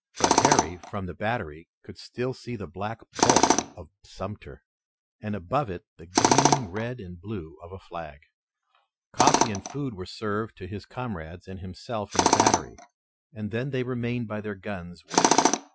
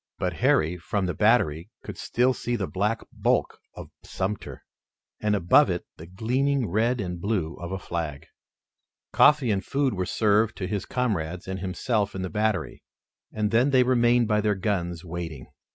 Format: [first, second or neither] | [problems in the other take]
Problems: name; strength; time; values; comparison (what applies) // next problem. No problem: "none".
second | noise reduction (classical method Wiener filter)